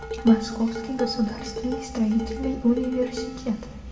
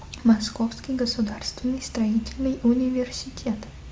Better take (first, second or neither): second